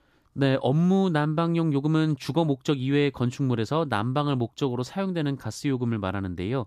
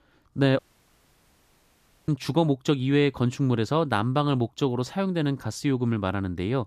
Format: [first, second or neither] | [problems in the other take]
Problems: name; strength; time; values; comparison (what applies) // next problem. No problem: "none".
first | audio cutting out; at 0.5 s for 1.5 s